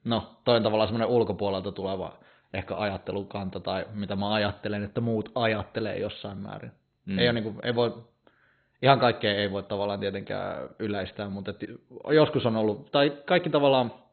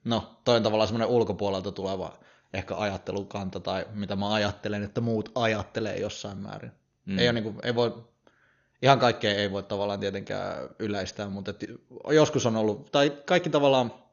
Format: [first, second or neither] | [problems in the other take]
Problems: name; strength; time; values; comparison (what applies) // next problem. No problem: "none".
second | garbled, watery; badly; nothing above 4 kHz; slightly in the second